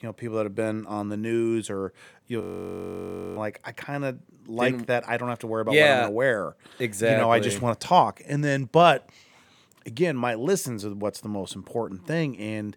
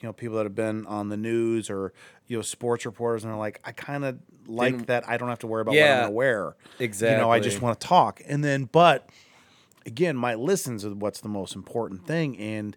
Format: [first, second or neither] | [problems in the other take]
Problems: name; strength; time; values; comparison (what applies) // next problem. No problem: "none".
second | audio freezing; at 2.5 s for 1 s